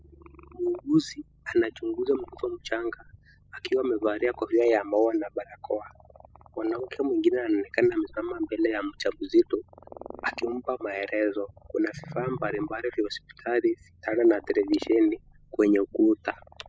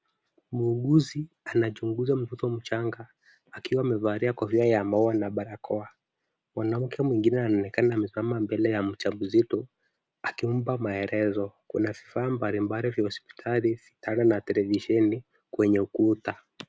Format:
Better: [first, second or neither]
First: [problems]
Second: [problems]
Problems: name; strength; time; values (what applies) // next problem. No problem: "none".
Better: second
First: noise reduction (classical method spectral subtraction)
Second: none